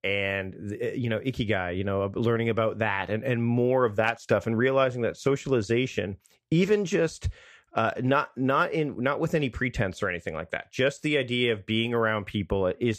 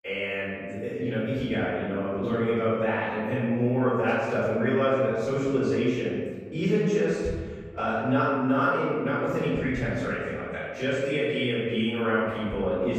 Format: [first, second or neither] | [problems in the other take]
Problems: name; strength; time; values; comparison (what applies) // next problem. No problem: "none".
first | off-mic speech; far // room echo; strong; dies away in 1.5 s